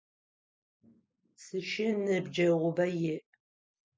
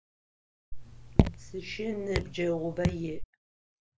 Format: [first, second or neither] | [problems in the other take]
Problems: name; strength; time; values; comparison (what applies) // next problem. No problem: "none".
first | background sound (Raindrop / Drip); 5 dB above the speech